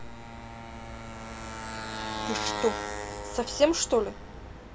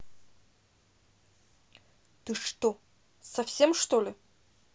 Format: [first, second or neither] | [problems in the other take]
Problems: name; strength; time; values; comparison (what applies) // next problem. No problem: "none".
second | background sound (Motorcycle); 5 dB below the speech